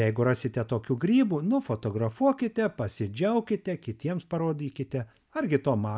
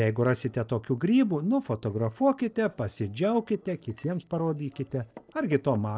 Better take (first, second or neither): first